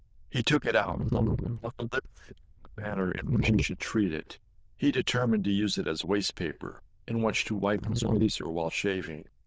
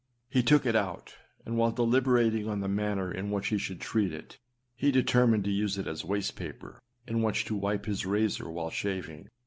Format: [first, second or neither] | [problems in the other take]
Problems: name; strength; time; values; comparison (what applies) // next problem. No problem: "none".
second | noise reduction (neural diffusion model UNIVERSE++)